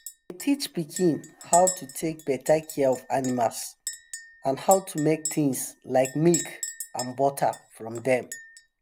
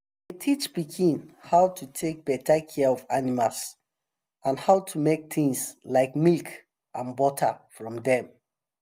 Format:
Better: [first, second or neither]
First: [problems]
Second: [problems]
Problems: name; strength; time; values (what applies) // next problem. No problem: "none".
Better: second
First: background sound (Chink, clink); 12 dB below the speech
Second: none